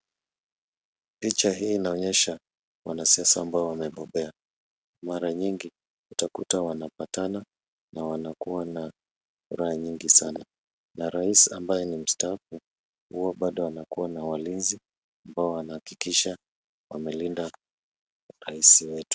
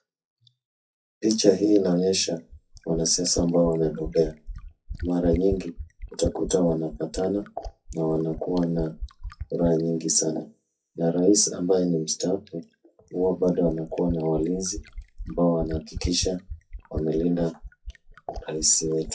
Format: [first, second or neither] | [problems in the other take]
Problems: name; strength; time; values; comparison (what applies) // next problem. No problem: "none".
first | noise reduction (classical method WPE with log-MMSE)